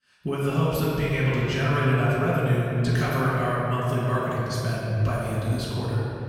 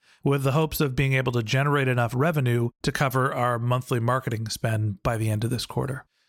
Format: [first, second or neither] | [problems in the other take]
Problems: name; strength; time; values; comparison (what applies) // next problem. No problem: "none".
second | off-mic speech; far // room echo; strong; dies away in 2.7 s